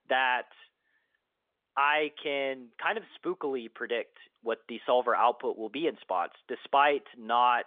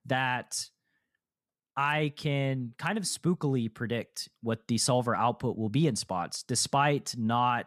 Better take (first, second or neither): second